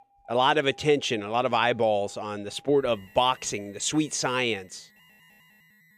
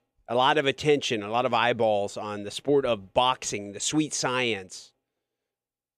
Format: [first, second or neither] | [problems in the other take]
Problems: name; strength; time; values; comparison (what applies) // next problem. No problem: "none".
second | alarms or sirens; faint; throughout; 30 dB below the speech